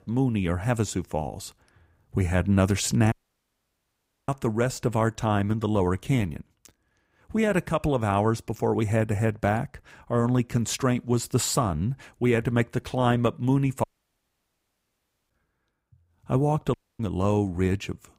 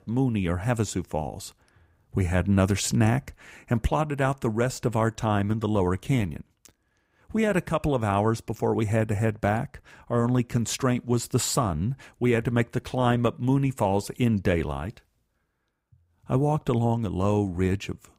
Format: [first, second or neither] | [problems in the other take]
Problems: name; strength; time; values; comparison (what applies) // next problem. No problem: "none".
second | audio cutting out; at 3 s for 1 s, at 14 s for 1.5 s and at 17 s